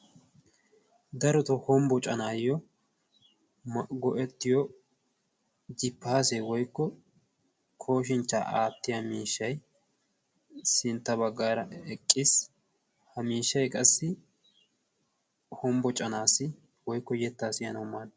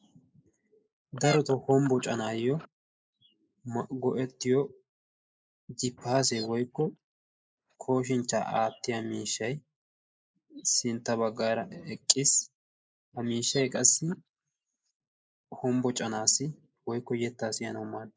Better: first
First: none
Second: noise reduction (neural mask model Resemble Enhance denoiser)

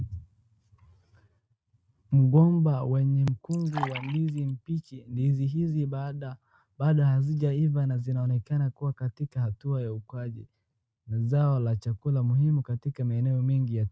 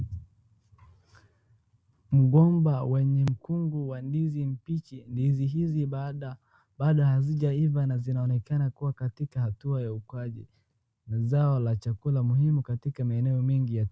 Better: second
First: noise reduction (neural mask model RNNoise)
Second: none

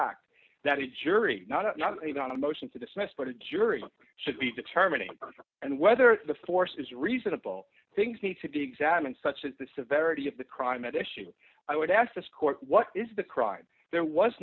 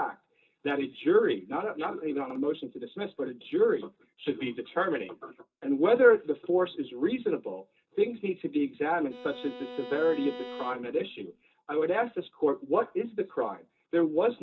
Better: first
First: none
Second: background sound (Bowed string instrument); 13 dB below the speech // room echo; dies away in 0.2 s

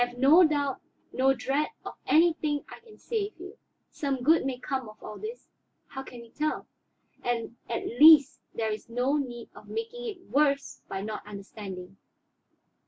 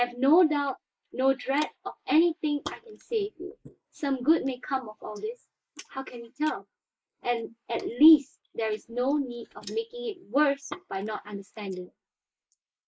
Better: first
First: none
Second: noise reduction (neural mask model Resemble Enhance denoiser)

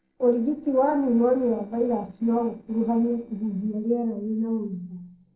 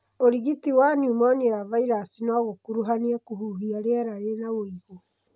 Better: second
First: noise reduction (neural separator model SepFormer DNS4)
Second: none

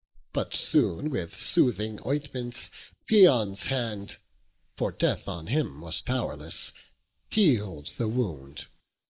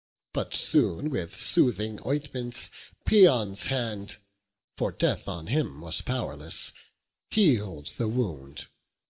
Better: second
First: noise reduction (neural mask model Resemble Enhance denoiser)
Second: none

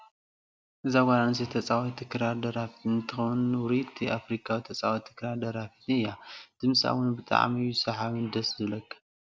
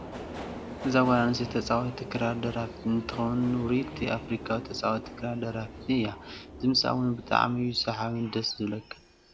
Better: first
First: none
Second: background sound (Subway, metro, underground); 12 dB below the speech

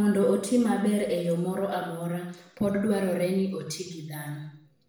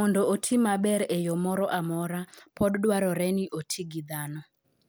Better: second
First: room echo; dies away in 0.7 s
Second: none

